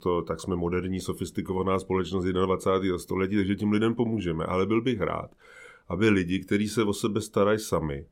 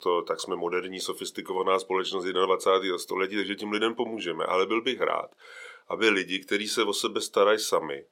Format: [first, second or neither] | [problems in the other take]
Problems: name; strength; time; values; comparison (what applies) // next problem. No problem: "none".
first | thin; somewhat; fading below 500 Hz